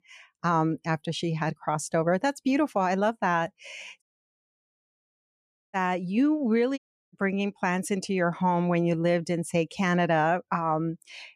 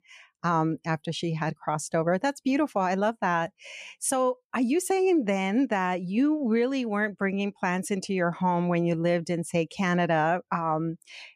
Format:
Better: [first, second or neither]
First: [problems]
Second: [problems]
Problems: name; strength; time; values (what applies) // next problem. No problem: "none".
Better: second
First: audio cutting out; at 4 s for 1.5 s and at 7 s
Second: none